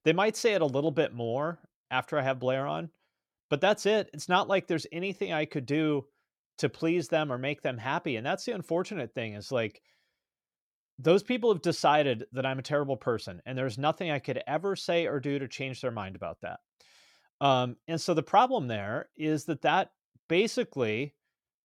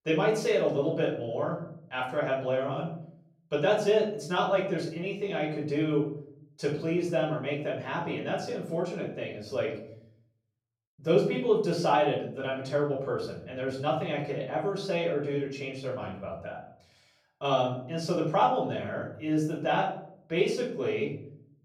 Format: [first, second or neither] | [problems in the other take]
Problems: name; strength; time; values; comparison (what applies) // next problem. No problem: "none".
first | off-mic speech; far // room echo; noticeable; dies away in 0.6 s